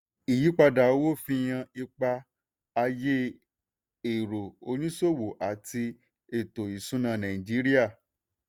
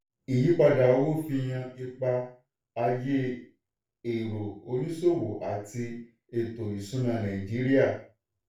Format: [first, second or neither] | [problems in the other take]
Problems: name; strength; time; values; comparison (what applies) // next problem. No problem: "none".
first | room echo; dies away in 0.4 s